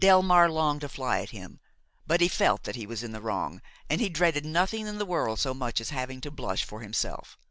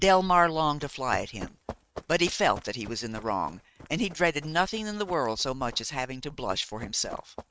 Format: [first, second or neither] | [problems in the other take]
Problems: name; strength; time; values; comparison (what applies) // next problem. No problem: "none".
first | noise reduction (neural mask model RNNoise)